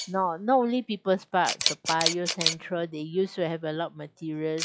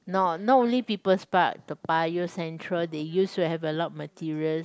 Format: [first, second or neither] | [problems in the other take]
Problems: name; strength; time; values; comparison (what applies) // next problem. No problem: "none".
second | noise reduction (classical method log-MMSE)